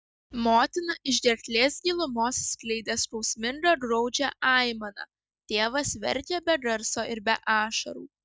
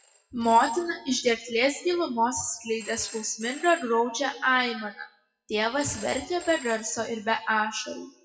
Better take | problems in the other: first | noise reduction (classical method WPE with log-MMSE)

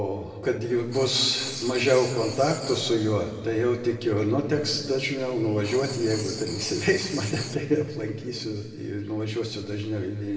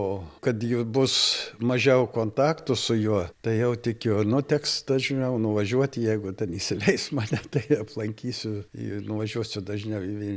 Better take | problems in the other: second | background sound (Writing); 16 dB below the speech // room echo; dies away in 1.9 s

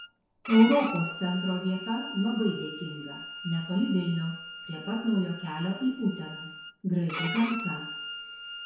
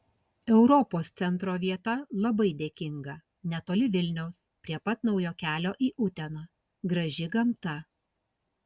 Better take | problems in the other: second | background sound (Bowed string instrument); 10 dB below the speech // room echo; dies away in 0.7 s

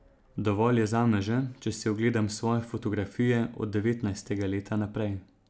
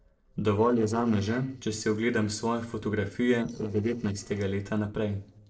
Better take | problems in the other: first | noise reduction (neural separator model SepFormer DNS4)

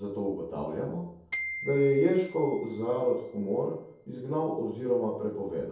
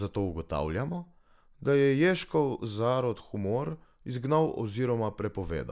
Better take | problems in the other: second | background sound (Glockenspiel); 12 dB below the speech // room echo; dies away in 0.7 s

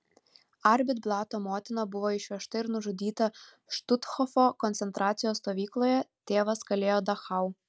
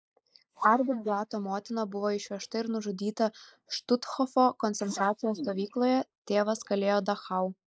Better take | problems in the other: first | noise reduction (neural mask model Resemble Enhance denoiser)

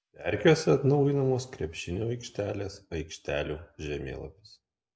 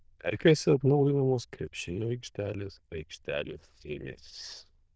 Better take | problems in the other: first | noise reduction (neural diffusion model UNIVERSE++)

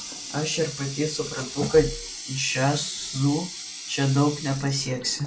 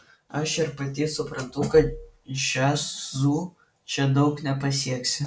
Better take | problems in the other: second | background sound (Water tap, faucet); 11 dB below the speech

